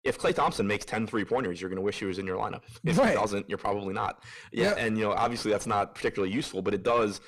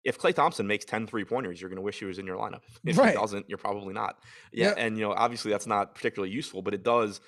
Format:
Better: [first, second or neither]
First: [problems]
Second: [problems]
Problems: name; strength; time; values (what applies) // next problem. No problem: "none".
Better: second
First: distortion; heavy; 7 dB below the speech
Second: none